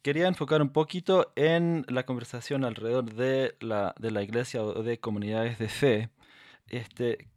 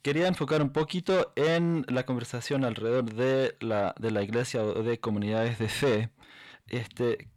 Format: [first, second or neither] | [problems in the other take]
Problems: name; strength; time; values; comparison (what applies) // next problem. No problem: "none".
first | distortion; slight; 10 dB below the speech